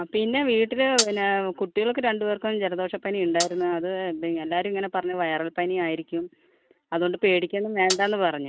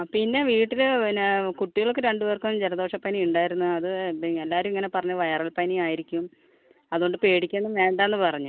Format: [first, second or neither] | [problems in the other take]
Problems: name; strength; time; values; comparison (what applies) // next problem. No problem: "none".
second | noise reduction (neural mask model RNNoise)